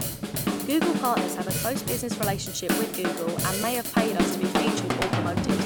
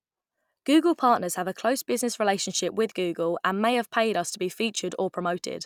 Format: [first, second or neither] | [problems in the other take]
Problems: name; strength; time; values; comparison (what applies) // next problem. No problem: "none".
second | background sound (Drum / Drum kit); 3 dB above the speech